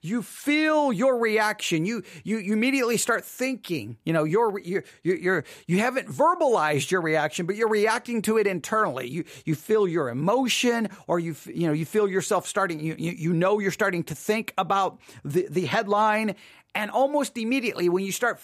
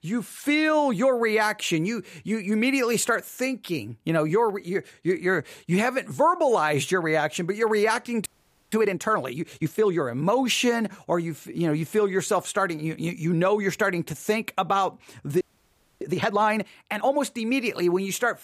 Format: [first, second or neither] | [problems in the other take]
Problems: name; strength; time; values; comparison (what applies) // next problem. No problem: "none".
first | audio freezing; at 8.5 s and at 15 s for 0.5 s